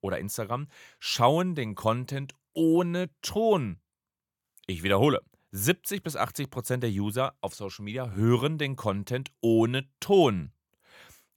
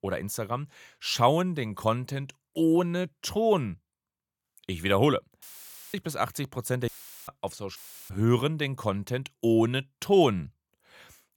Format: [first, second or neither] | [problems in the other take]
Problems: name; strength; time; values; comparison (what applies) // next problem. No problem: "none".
first | audio cutting out; filled with static; at 5.5 s for 0.5 s, at 7 s and at 8 s